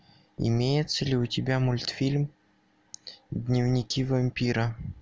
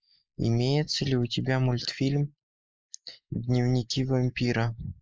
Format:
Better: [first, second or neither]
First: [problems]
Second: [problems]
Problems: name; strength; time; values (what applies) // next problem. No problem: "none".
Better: first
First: none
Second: noise reduction (neural mask model Resemble Enhance denoiser)